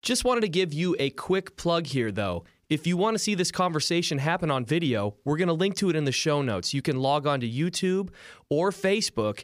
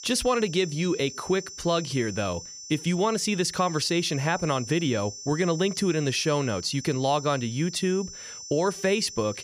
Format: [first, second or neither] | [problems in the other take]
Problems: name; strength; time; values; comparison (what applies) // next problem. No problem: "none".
first | high-pitched whine; noticeable; throughout; 6 kHz, 10 dB below the speech